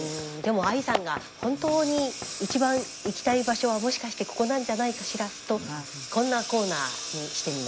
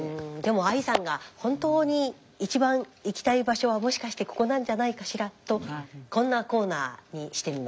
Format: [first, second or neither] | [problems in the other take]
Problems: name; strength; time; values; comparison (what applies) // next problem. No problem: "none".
second | background sound (Knock / Wood + Engine); 9 dB below the speech